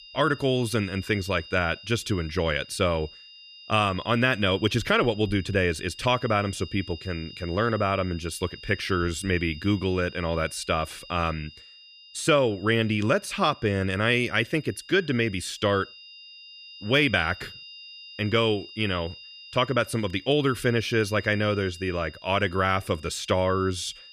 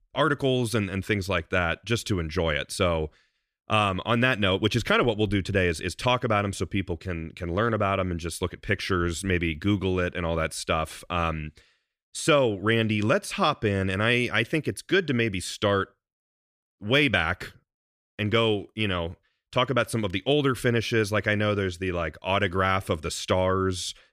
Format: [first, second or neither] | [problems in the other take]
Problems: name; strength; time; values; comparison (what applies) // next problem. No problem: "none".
second | high-pitched whine; noticeable; throughout; 3 kHz, 20 dB below the speech